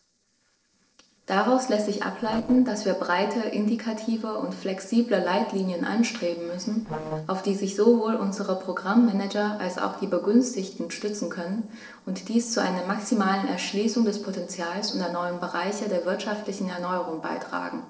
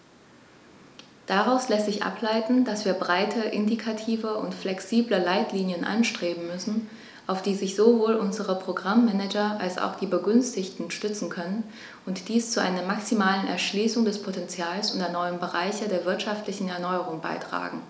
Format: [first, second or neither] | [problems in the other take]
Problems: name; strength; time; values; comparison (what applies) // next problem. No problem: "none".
second | noise reduction (neural separator model SepFormer DNS4)